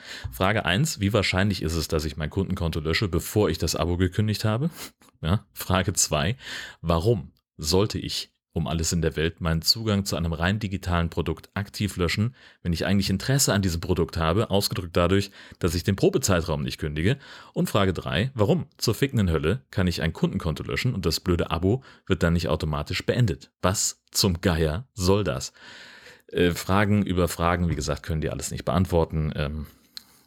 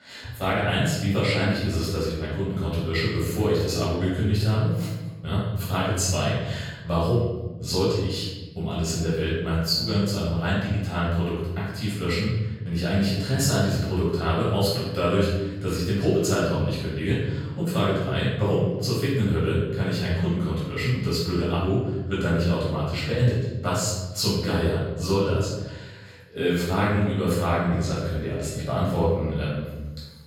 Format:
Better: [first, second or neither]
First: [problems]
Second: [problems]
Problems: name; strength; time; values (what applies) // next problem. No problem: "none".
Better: first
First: none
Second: off-mic speech; far // room echo; strong; dies away in 1.1 s